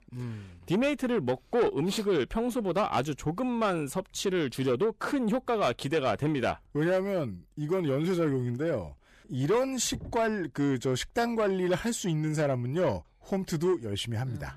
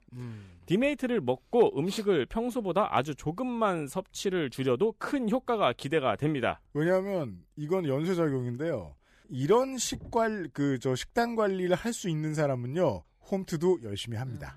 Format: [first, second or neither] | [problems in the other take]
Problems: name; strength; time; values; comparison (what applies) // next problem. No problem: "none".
second | distortion; slight; 10 dB below the speech